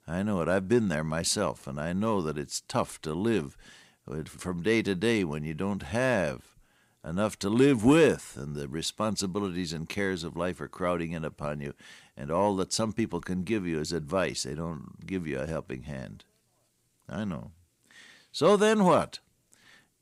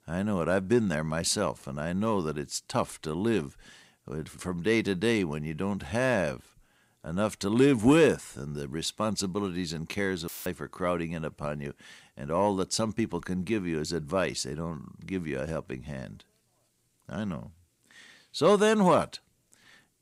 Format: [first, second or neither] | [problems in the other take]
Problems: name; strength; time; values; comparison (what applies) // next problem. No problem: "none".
first | audio cutting out; filled with static; at 10 s